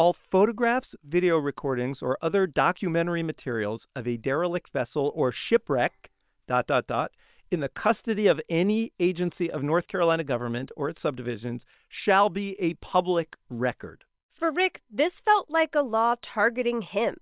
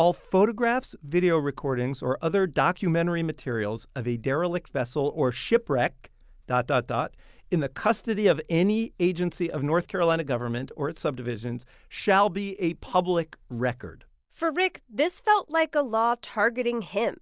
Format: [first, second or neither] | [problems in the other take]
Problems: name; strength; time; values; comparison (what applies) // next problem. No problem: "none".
second | noise reduction (neural separator model SepFormer WHAM!)